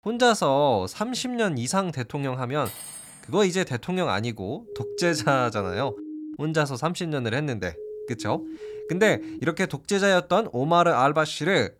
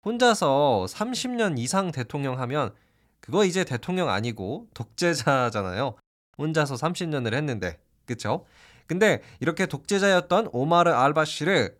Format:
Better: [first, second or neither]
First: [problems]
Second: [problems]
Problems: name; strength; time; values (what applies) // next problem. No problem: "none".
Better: second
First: clattering dishes; faint; at 2.5 s; peak 10 dB below the speech // siren; faint; from 4.5 to 6.5 s and from 7.5 to 9.5 s; peak 10 dB below the speech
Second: none